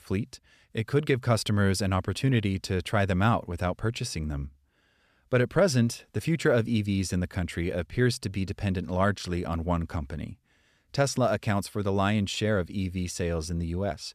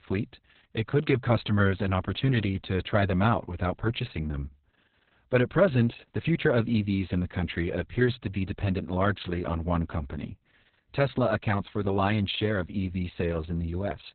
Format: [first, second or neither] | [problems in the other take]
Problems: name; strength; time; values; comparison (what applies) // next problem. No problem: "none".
first | garbled, watery; badly; nothing above 4 kHz